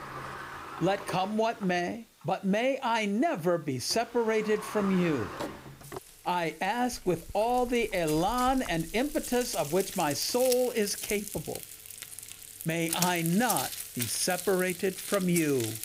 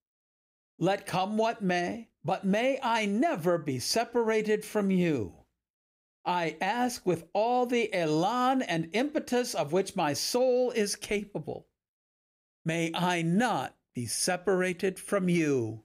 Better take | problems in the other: second | household noises; loud; throughout; 8 dB below the speech

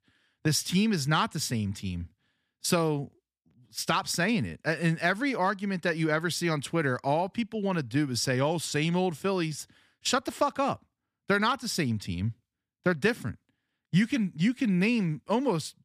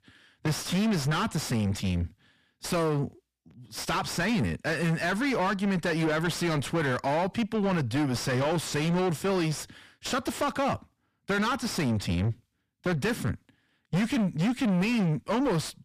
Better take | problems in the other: first | distortion; heavy; 5 dB below the speech

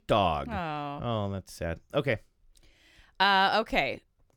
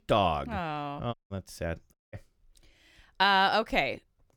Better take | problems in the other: first | audio cutting out; at 1 s and at 2 s

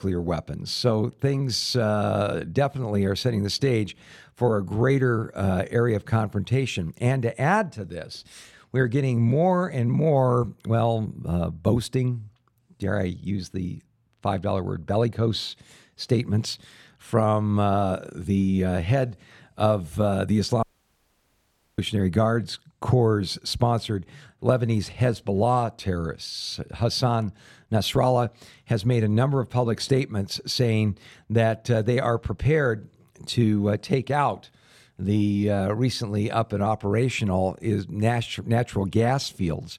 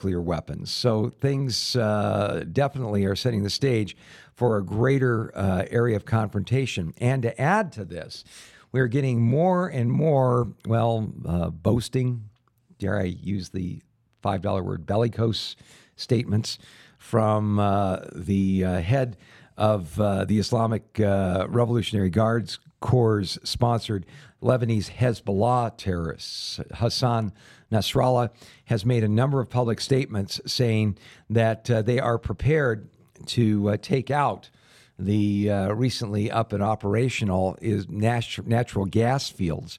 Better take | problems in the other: second | audio cutting out; at 21 s for 1 s

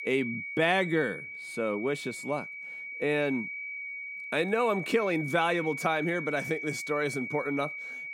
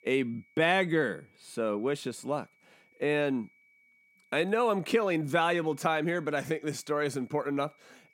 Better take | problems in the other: second | high-pitched whine; loud; throughout; 2.5 kHz, 7 dB below the speech; faint in the second

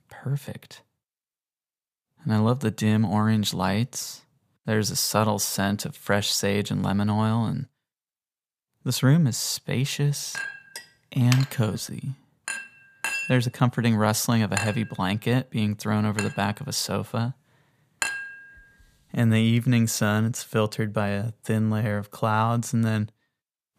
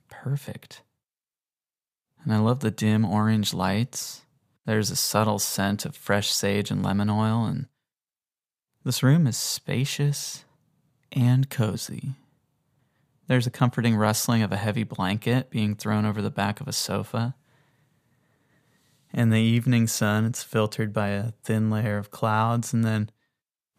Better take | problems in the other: second | clattering dishes; noticeable; from 10 to 18 s; peak 3 dB below the speech

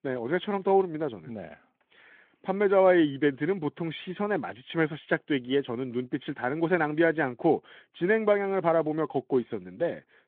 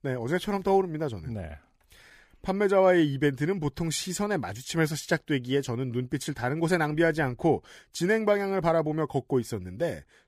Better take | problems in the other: second | phone-call audio

